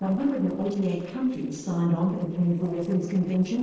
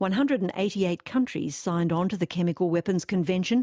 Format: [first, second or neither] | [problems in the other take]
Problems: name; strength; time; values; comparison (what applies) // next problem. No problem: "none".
second | noise reduction (neural separator model SepFormer DNS4)